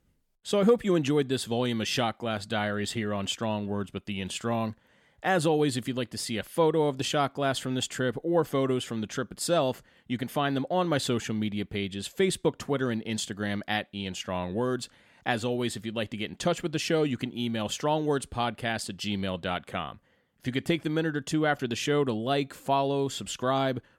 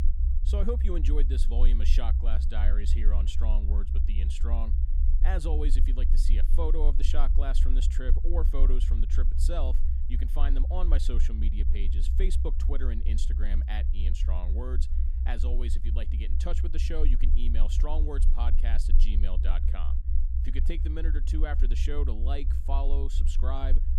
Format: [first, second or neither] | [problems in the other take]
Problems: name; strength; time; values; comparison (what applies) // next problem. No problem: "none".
first | low rumble; loud; throughout; 8 dB below the speech